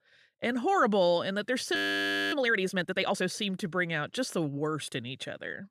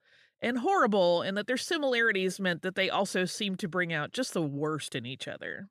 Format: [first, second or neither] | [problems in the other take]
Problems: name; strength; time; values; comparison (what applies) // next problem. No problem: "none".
second | audio freezing; at 2 s for 0.5 s